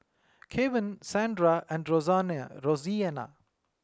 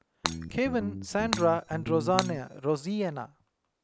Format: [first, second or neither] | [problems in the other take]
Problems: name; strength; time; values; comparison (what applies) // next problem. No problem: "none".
first | background sound (Shatter + Guitar); 6 dB below the speech